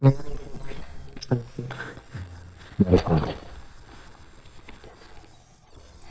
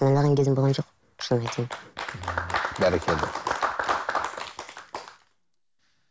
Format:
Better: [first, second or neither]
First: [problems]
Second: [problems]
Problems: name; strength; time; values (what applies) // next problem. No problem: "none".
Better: second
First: noise reduction (neural mask model DeepFilterNet 3)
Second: none